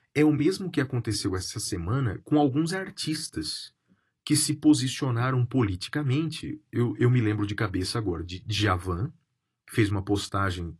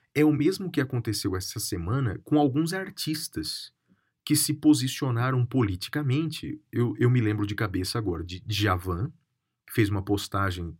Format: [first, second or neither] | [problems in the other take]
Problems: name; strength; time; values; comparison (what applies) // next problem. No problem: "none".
second | garbled, watery; slightly